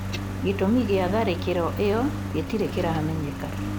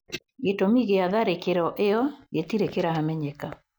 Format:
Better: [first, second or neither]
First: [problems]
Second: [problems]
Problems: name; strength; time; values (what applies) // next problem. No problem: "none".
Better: second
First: background sound (Engine); 4 dB below the speech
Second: none